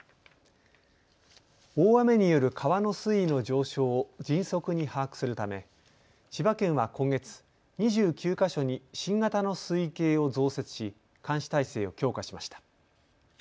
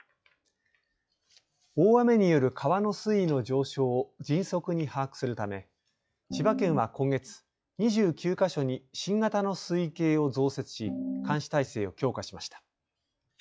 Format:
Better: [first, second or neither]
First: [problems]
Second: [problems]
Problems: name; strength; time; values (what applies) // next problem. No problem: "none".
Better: first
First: none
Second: noise reduction (classical method log-MMSE)